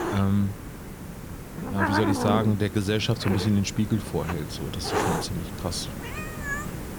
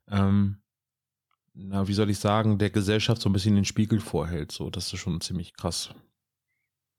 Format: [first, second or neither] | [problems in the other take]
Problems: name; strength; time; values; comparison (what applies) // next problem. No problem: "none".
second | hiss; loud; throughout; 4 dB below the speech